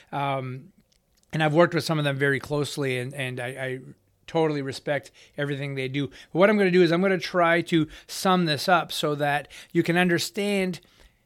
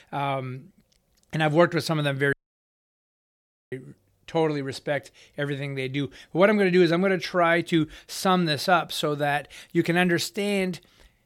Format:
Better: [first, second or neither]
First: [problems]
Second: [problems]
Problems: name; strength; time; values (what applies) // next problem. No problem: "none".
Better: first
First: none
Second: audio cutting out; at 2.5 s for 1.5 s